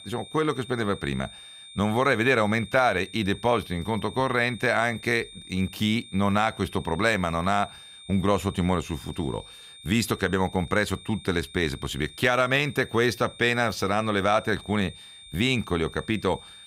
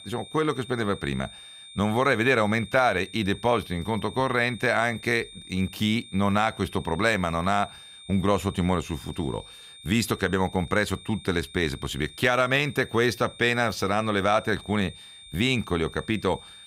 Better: neither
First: high-pitched whine; noticeable; throughout; 3.5 kHz, 20 dB below the speech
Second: high-pitched whine; noticeable; throughout; 3.5 kHz, 20 dB below the speech

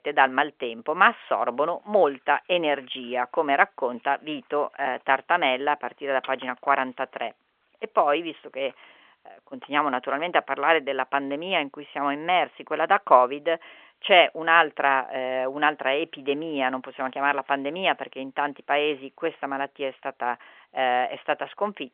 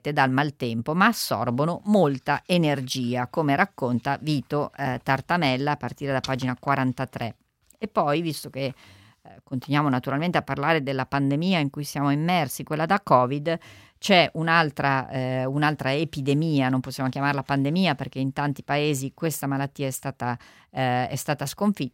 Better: second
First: phone-call audio; nothing above 3.5 kHz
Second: none

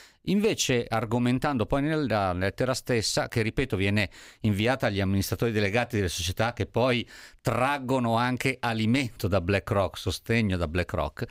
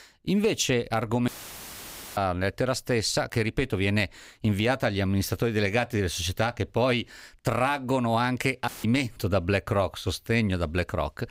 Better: first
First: none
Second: audio cutting out; filled with static; at 1.5 s for 1 s and at 8.5 s

